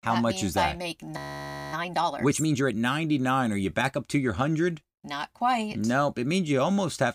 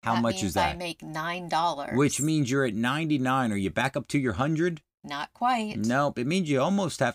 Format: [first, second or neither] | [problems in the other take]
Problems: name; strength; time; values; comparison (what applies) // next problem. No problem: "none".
second | audio freezing; at 1 s for 0.5 s